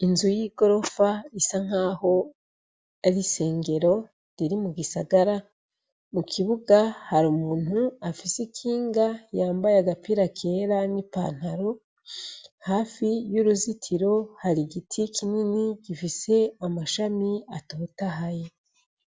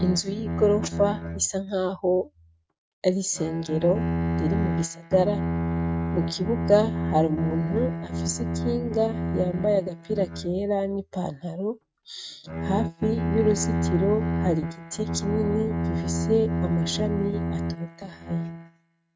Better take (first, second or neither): first